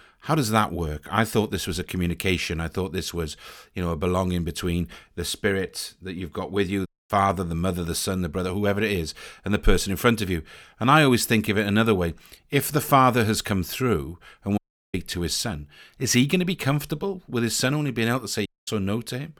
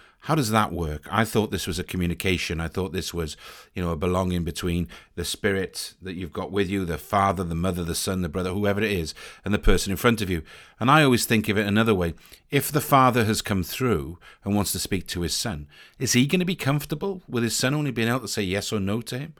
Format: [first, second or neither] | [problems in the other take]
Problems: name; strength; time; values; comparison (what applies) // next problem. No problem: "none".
second | audio cutting out; at 7 s, at 15 s and at 18 s